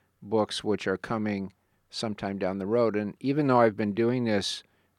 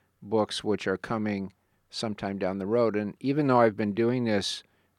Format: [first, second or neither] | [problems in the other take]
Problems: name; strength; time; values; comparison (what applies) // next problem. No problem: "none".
neither | none